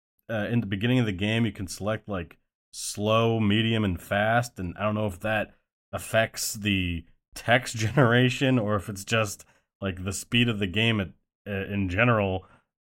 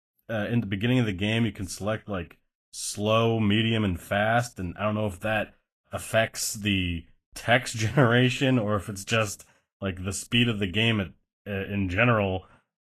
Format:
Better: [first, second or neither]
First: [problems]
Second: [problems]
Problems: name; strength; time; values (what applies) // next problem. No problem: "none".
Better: first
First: none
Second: garbled, watery; slightly; nothing above 13 kHz